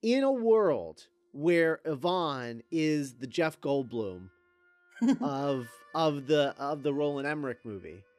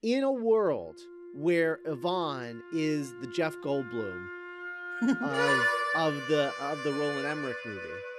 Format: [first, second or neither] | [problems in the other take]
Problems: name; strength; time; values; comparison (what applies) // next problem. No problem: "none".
first | background music; loud; throughout; 3 dB below the speech; faint in the first